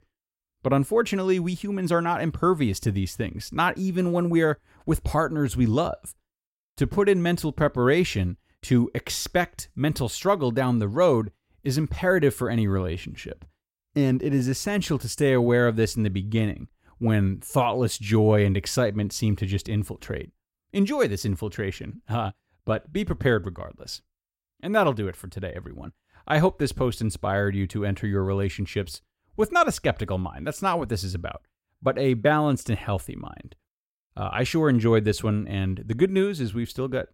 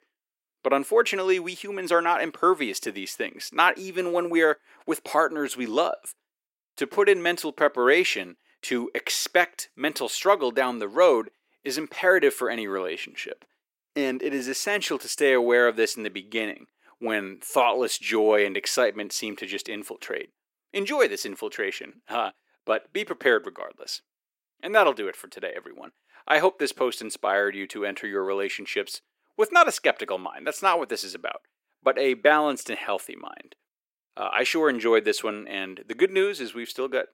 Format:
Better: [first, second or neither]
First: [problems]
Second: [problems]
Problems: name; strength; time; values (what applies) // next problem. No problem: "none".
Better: first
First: none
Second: thin; very; fading below 350 Hz